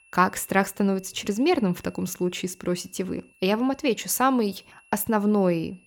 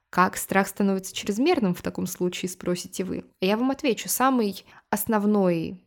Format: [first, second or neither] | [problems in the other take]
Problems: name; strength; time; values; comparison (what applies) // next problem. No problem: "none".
second | high-pitched whine; faint; throughout; 2.5 kHz, 30 dB below the speech